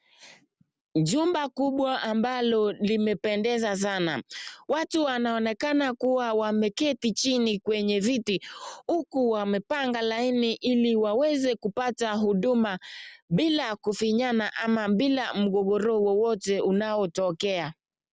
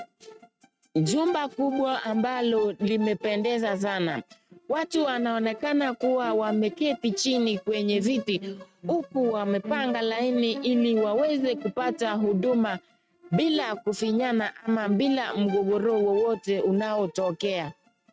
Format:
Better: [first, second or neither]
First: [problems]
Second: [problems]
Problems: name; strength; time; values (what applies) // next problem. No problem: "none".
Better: first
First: none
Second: noise reduction (neural mask model RNNoise)